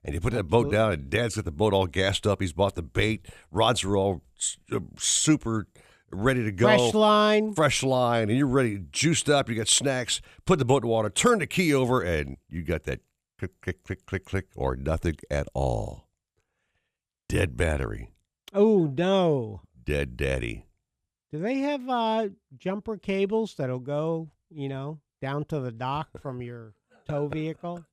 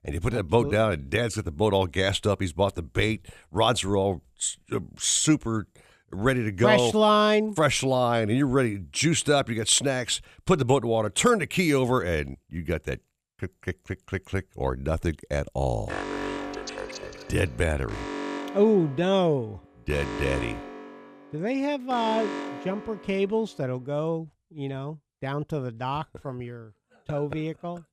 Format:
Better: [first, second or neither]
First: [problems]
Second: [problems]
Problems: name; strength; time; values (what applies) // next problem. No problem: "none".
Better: first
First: none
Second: alarm; noticeable; from 16 to 23 s; peak 5 dB below the speech